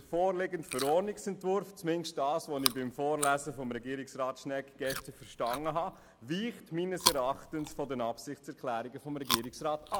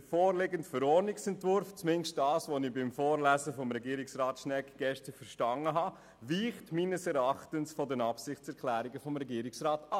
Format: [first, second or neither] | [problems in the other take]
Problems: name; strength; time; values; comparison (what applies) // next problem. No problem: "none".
second | background sound (Chewing, mastication); 7 dB below the speech